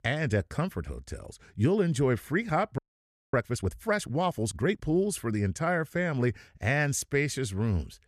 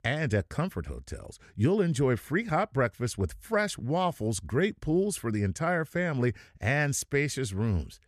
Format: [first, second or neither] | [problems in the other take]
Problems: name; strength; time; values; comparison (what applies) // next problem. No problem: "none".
second | audio freezing; at 3 s for 0.5 s